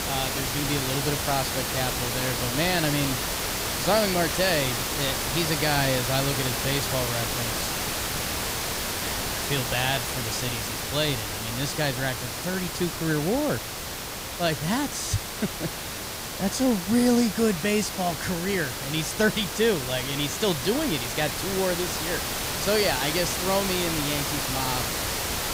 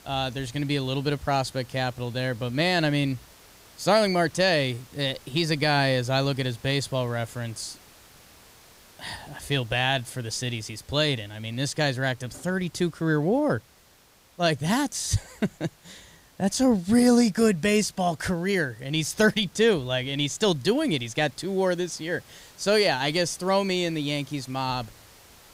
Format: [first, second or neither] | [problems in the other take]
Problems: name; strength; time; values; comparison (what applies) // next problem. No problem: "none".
second | hiss; loud; throughout; 1 dB below the speech; faint in the second